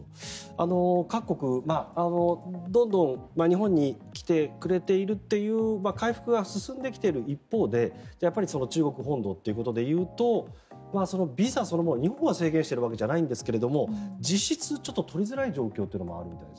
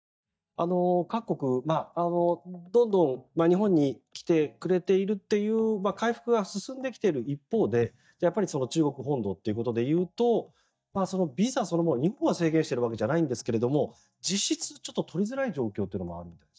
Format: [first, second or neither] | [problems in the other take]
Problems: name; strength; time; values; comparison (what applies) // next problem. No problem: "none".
first | noise reduction (neural mask model DeepFilterNet 3)